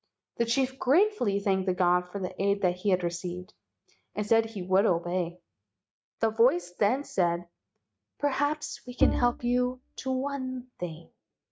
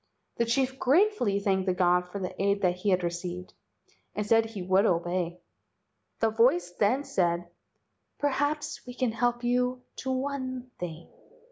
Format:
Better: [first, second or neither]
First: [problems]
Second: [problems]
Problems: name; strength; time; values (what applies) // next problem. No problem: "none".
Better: second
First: noise reduction (neural mask model RNNoise)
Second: none